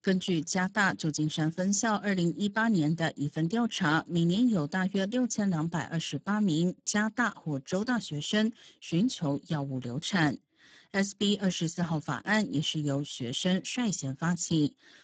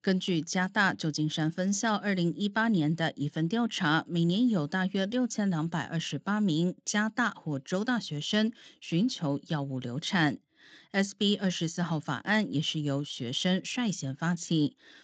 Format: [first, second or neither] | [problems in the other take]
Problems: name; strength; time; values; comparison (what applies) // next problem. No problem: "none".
second | garbled, watery; badly; nothing above 7.5 kHz; slightly in the second